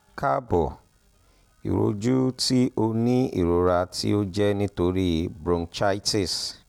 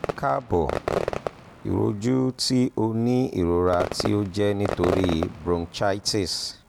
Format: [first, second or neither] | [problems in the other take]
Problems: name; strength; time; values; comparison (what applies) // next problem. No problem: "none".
first | background sound (Fireworks); 8 dB below the speech